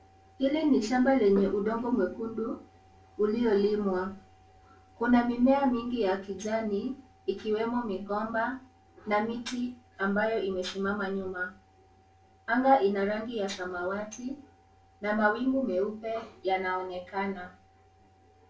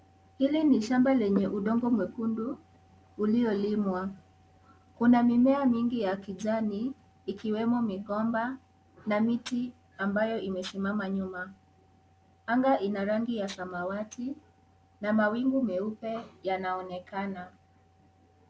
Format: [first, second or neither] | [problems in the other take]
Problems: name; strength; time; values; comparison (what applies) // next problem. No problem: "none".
second | room echo; dies away in 0.3 s